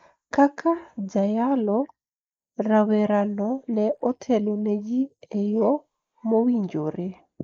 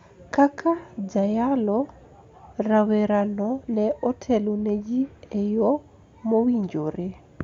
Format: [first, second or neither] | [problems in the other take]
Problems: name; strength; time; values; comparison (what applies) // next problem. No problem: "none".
second | noise reduction (neural mask model Resemble Enhance denoiser)